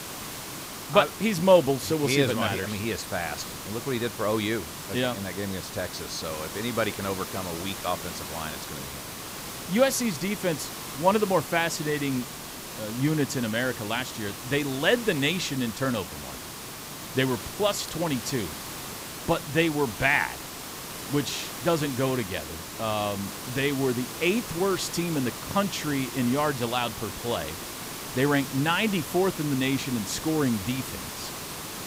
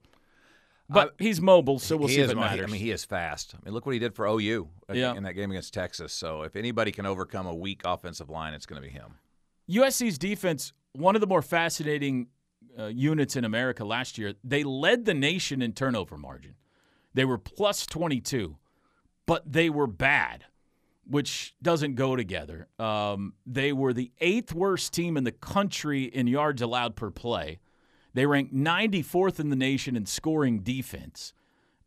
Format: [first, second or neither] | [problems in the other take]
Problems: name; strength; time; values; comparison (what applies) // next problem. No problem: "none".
second | hiss; loud; throughout; 8 dB below the speech